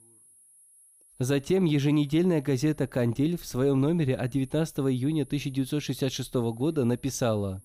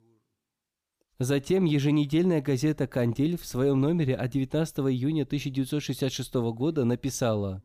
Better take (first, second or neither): second